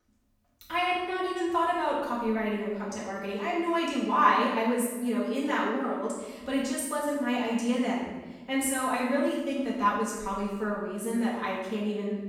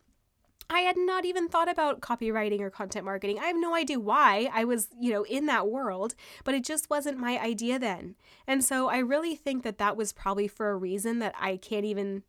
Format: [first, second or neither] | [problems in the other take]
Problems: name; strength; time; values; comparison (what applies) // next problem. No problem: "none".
second | off-mic speech; far // room echo; noticeable; dies away in 1.1 s